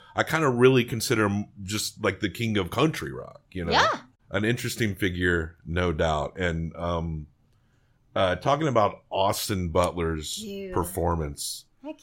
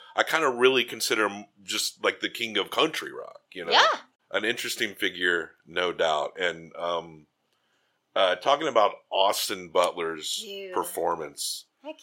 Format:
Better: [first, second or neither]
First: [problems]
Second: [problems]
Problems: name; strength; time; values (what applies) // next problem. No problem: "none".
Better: first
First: none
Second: thin; very; fading below 500 Hz